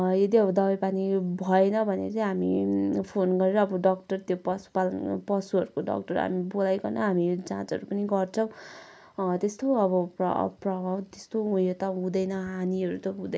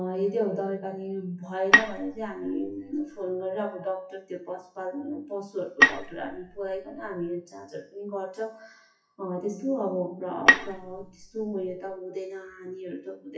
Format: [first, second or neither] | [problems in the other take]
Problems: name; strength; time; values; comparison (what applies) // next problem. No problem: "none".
first | noise reduction (classical method WPE with log-MMSE)